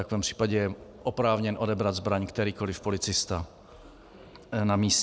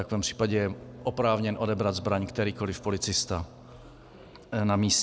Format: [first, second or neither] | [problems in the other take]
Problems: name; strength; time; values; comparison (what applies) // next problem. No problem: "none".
first | background sound (Bowed string instrument); 20 dB below the speech